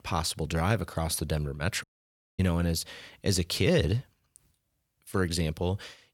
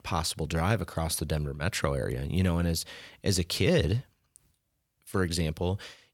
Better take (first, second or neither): second